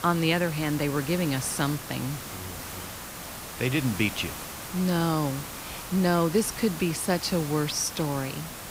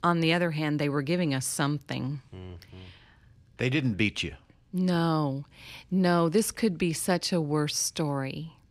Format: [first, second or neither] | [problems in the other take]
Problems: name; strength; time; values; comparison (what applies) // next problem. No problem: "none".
second | hiss; loud; throughout; 9 dB below the speech